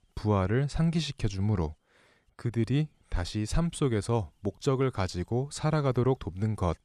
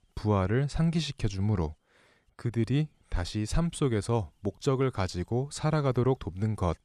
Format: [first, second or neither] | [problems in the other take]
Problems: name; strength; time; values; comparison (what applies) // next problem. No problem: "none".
neither | none